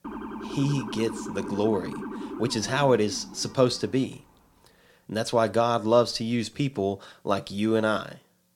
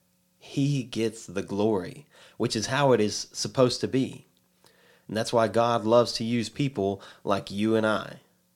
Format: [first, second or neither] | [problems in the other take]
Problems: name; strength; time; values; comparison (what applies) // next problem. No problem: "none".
second | siren; noticeable; until 4 s; peak 9 dB below the speech